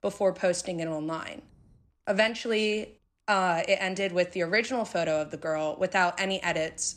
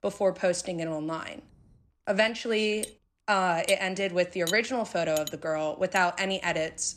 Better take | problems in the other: first | clattering dishes; noticeable; from 3 to 6 s; peak 7 dB below the speech

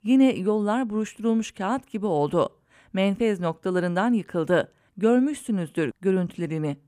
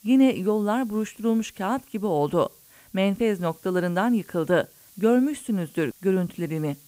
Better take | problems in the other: first | hiss; faint; throughout; 25 dB below the speech

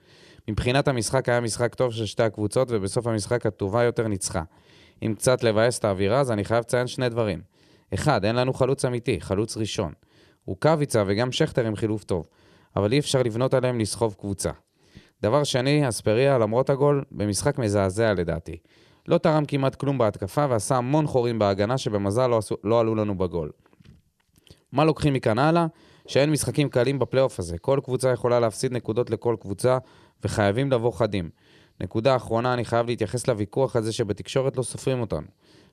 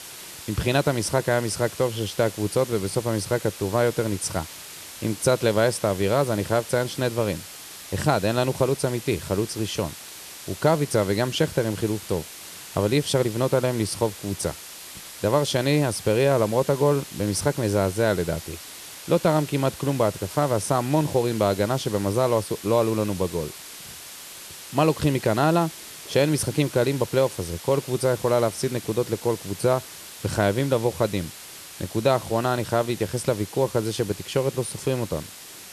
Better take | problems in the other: first | hiss; noticeable; throughout; 15 dB below the speech

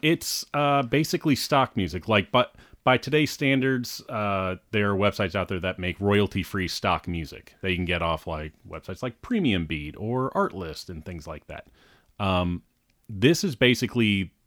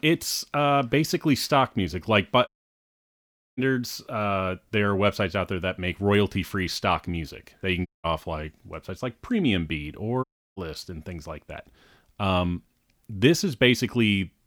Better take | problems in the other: first | audio cutting out; at 2.5 s for 1 s, at 8 s and at 10 s

